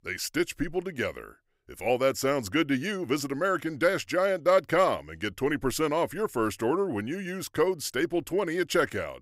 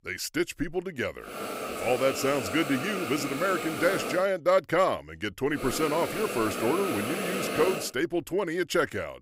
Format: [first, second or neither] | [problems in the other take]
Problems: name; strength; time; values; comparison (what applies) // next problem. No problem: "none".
first | hiss; loud; from 1.5 to 4 s and from 5.5 to 8 s; 5 dB below the speech